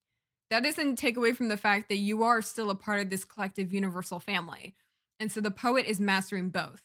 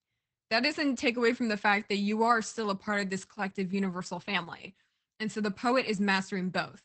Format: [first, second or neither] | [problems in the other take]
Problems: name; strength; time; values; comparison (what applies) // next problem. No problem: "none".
first | garbled, watery; badly; nothing above 8 kHz; slightly in the first